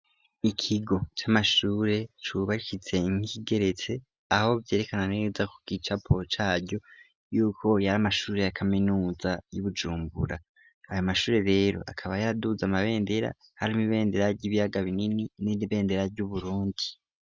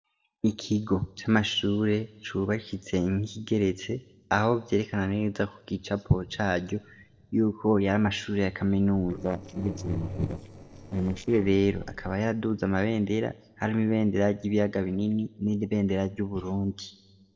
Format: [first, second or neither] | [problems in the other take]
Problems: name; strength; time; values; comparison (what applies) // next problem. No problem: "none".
first | noise reduction (neural separator model SepFormer DNS4)